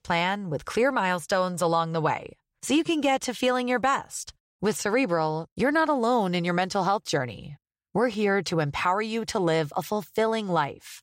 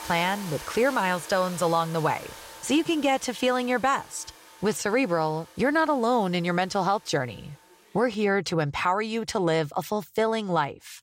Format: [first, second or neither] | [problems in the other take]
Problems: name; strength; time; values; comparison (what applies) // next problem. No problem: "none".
first | household noises; noticeable; throughout; 20 dB below the speech